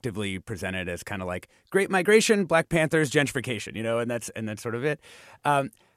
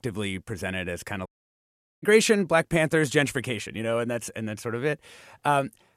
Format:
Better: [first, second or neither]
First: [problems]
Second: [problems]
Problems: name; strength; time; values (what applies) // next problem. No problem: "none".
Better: first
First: none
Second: audio cutting out; at 1.5 s for 1 s